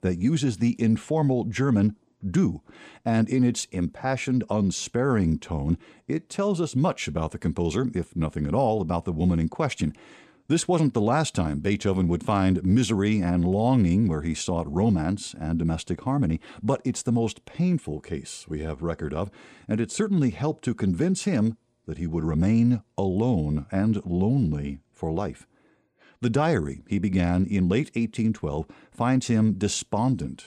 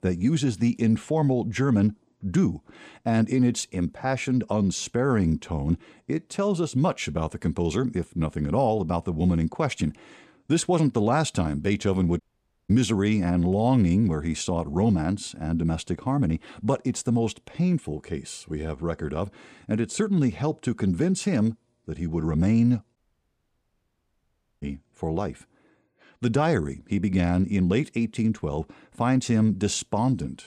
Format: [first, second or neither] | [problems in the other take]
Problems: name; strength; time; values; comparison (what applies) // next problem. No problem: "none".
first | audio cutting out; at 12 s and at 23 s for 1.5 s